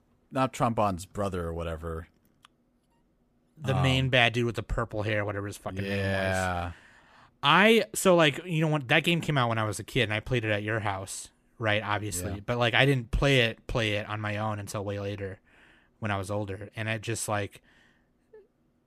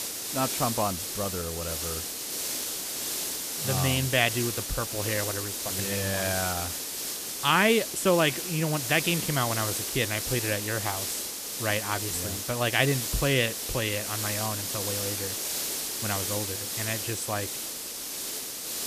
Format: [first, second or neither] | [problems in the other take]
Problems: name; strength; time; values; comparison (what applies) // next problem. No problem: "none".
first | hiss; loud; throughout; 2 dB below the speech